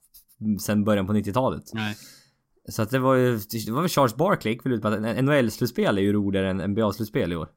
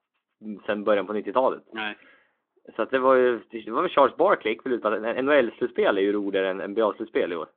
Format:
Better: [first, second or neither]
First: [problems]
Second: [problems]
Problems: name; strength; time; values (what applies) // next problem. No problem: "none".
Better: first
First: none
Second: phone-call audio; nothing above 3.5 kHz